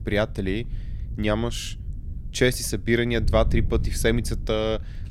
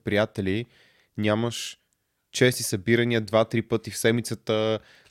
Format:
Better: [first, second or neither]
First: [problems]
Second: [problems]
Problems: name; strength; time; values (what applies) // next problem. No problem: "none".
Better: second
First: wind noise on the microphone; occasional gusts; 20 dB below the speech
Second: none